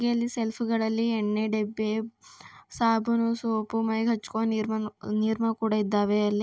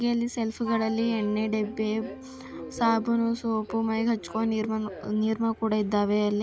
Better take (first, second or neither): first